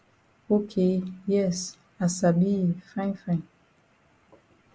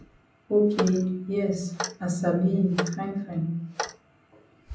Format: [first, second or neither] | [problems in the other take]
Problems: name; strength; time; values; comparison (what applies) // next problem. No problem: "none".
first | background sound (Clock); 10 dB below the speech // room echo; dies away in 0.6 s